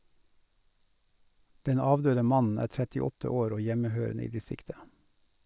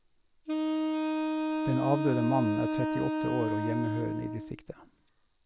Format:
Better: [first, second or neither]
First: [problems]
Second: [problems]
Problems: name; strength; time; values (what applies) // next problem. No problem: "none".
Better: first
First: none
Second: background sound (Wind instrument, woodwind instrument); 2 dB above the speech